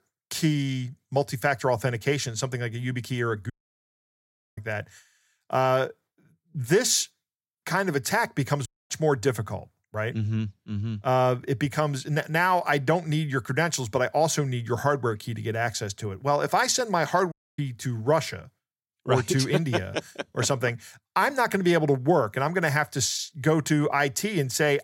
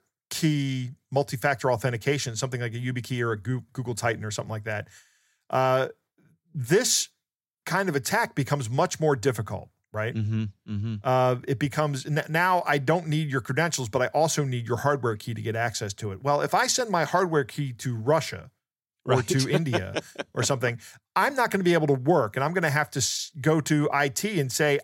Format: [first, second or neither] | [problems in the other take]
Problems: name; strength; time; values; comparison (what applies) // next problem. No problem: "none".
second | audio cutting out; at 3.5 s for 1 s, at 8.5 s and at 17 s